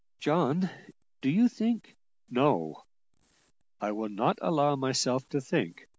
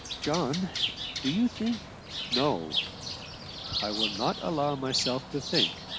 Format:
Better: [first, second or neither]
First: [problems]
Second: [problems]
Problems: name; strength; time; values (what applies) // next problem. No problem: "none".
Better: first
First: none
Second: background sound (Bird); 2 dB below the speech